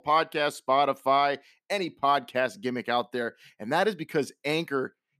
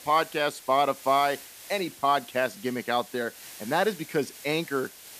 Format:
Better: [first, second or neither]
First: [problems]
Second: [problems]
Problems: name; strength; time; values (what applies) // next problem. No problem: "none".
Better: first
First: none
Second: hiss; noticeable; throughout; 15 dB below the speech